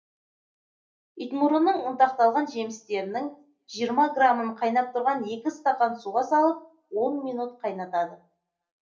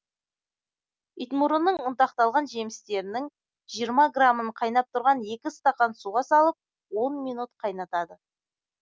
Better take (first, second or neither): second